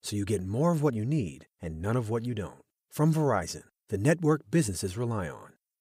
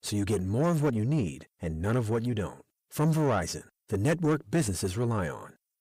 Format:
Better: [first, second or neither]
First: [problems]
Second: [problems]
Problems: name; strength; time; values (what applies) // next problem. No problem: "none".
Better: first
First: none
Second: distortion; slight; 10 dB below the speech